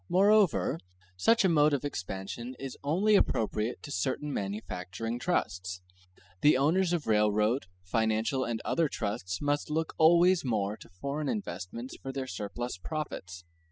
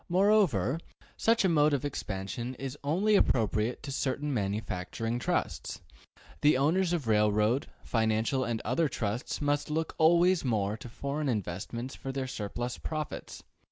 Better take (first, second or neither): second